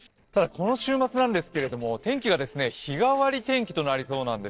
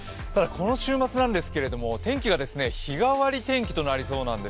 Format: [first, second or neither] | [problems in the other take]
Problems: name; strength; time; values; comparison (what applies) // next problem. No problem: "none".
second | noise reduction (neural separator model SepFormer DNS4)